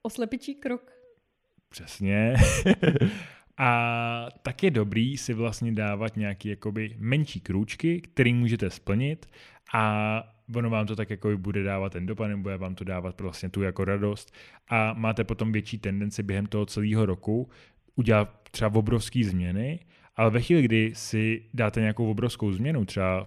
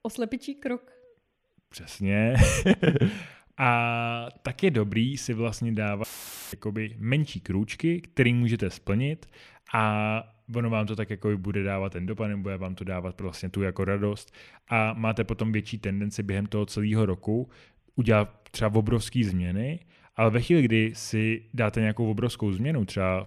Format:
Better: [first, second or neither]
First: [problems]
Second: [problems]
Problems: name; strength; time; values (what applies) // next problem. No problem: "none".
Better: first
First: none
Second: audio cutting out; filled with static; at 6 s